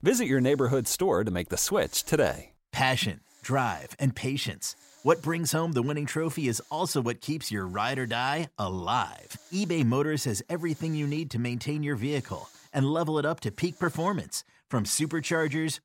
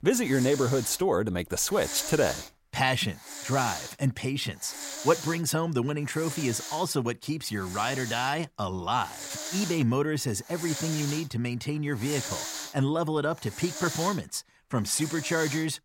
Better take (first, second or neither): first